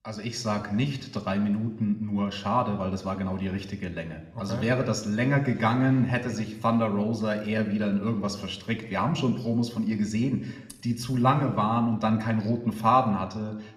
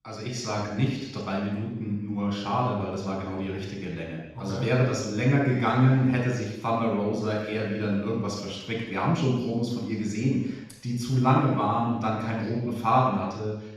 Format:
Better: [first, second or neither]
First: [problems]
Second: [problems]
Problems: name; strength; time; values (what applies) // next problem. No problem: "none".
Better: first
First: room echo; slight; dies away in 1 s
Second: room echo; strong; dies away in 0.9 s // off-mic speech; far